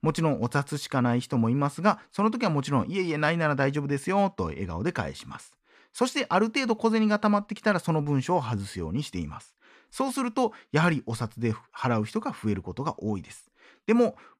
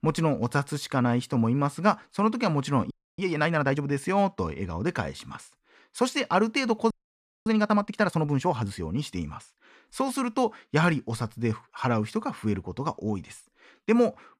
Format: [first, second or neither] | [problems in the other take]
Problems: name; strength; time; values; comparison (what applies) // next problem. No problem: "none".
first | audio freezing; at 3 s and at 7 s for 0.5 s